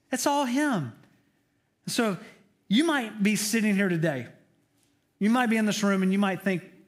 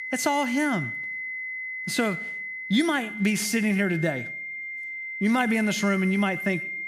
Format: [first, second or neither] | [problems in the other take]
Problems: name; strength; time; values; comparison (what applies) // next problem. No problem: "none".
first | high-pitched whine; loud; throughout; 2 kHz, 6 dB below the speech